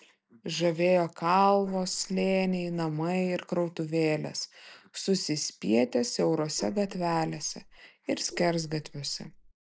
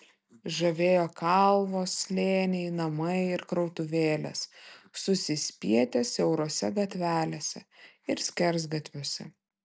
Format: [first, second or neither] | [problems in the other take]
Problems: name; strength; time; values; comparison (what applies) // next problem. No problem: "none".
second | noise reduction (neural mask model Resemble Enhance denoiser)